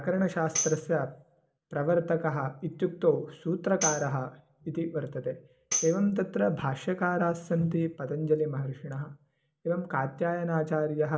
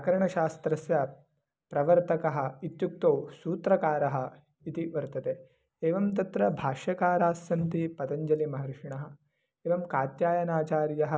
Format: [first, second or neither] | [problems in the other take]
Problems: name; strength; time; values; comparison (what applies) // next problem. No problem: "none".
second | background sound (Tambourine); 8 dB below the speech // room echo; dies away in 0.4 s